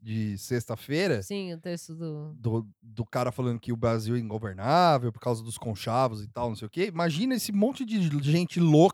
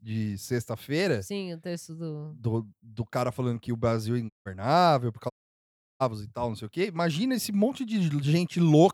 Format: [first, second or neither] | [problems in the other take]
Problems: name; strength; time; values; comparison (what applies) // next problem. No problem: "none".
first | audio cutting out; at 4.5 s and at 5.5 s for 0.5 s